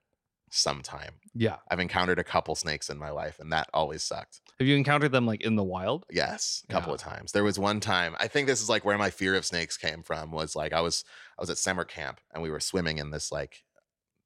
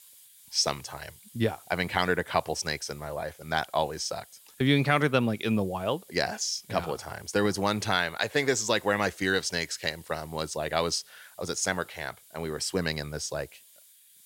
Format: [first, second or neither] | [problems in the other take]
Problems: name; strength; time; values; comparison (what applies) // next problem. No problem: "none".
first | hiss; faint; throughout; 25 dB below the speech